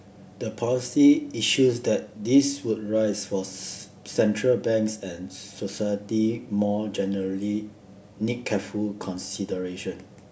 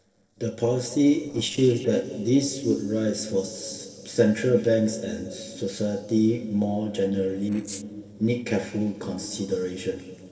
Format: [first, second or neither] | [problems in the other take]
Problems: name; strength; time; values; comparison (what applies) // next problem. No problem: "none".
first | noise reduction (neural separator model SepFormer DNS4)